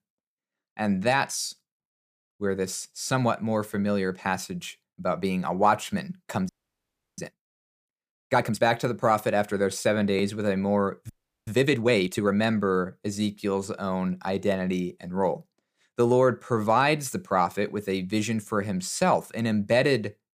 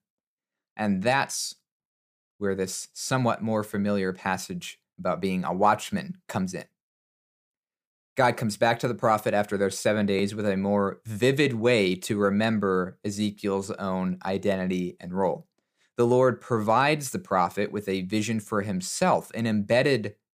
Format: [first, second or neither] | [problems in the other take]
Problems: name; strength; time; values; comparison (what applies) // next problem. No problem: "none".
second | audio freezing; at 6.5 s for 0.5 s and at 11 s